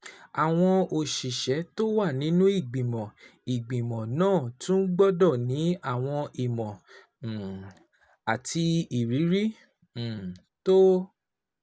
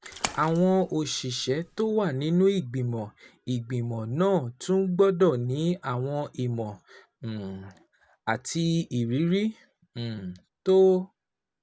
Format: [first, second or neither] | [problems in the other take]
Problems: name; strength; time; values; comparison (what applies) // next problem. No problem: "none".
first | background sound (Splash, splatter); 14 dB below the speech